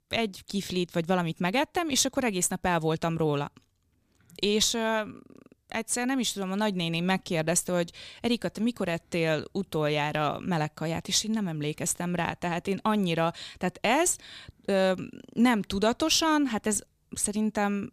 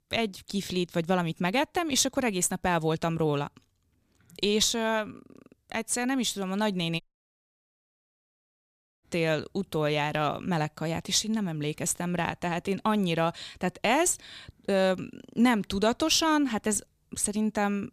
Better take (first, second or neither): first